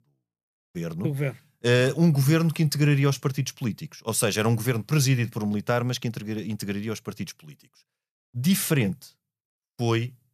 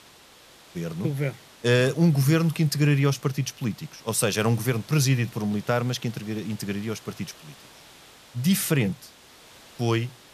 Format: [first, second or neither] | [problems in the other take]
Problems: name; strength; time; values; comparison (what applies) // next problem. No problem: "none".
first | hiss; faint; throughout; 25 dB below the speech